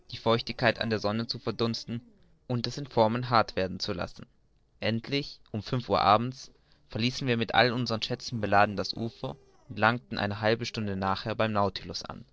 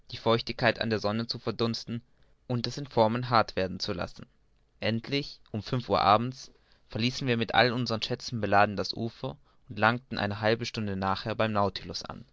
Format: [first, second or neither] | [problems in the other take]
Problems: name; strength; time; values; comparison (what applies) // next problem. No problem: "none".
second | noise reduction (neural separator model SepFormer DNS4)